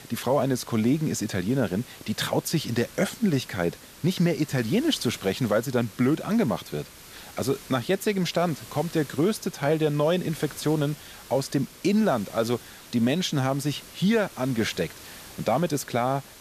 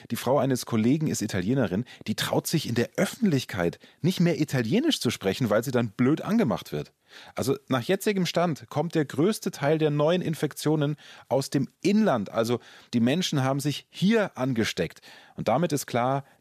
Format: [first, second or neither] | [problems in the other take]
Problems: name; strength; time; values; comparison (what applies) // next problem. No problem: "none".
second | hiss; noticeable; throughout; 20 dB below the speech